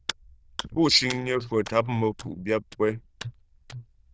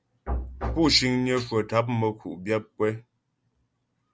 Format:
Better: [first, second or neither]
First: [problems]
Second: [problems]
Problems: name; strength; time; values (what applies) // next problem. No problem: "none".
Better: second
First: noise reduction (neural diffusion model UNIVERSE++)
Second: none